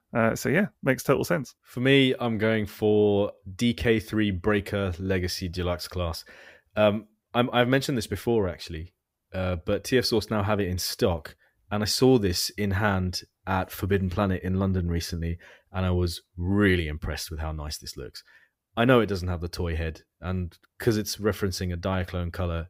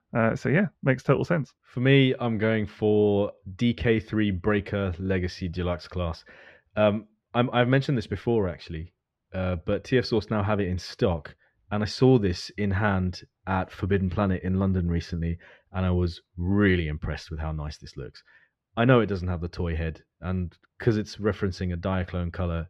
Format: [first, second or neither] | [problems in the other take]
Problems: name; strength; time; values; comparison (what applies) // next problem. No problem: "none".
first | muffled; slightly; fading above 3.5 kHz